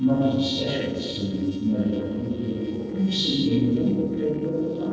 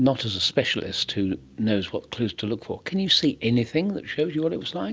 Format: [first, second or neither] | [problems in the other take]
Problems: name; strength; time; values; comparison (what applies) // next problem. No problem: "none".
second | noise reduction (neural separator model SepFormer DNS4)